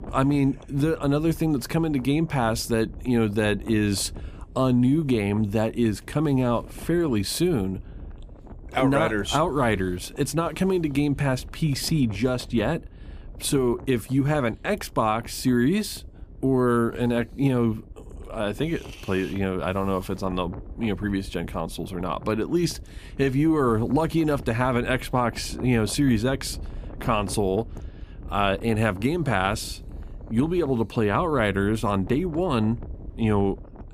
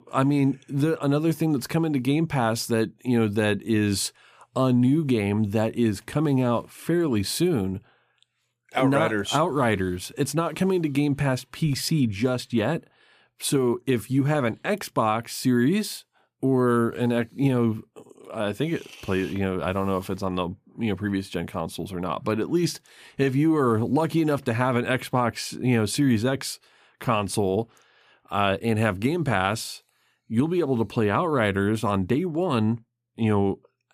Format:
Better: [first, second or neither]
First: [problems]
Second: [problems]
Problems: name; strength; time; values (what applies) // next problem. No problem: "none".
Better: second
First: wind noise on the microphone; occasional gusts; 25 dB below the speech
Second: none